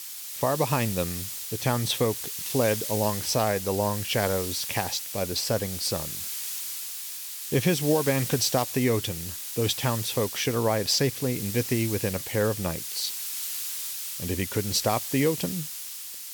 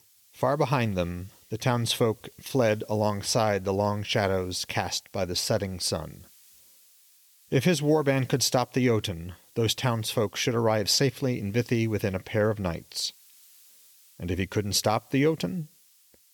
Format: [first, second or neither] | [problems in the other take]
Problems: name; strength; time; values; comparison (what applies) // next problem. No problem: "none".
second | hiss; loud; throughout; 5 dB below the speech; faint in the second